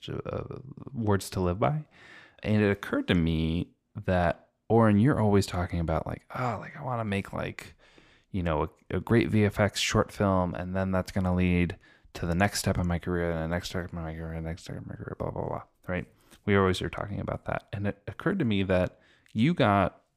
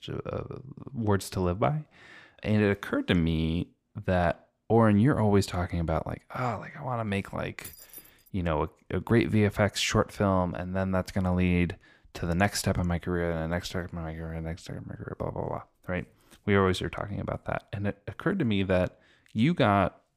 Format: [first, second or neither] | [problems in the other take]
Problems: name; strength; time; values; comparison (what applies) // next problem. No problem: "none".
first | jangling keys; faint; at 7.5 s; peak 15 dB below the speech